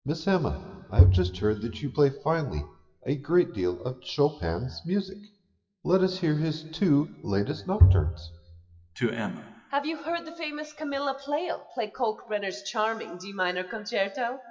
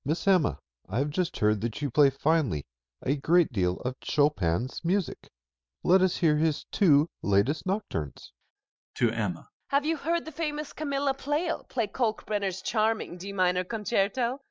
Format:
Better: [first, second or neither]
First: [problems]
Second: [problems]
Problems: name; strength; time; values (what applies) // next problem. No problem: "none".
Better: second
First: noise reduction (classical method WPE with log-MMSE)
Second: none